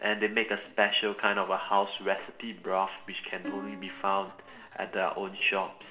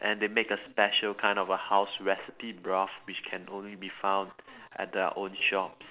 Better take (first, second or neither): second